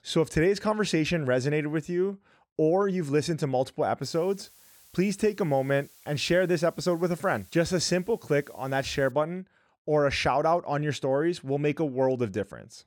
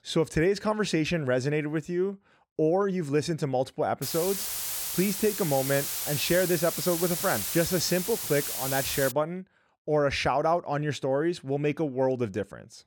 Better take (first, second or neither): first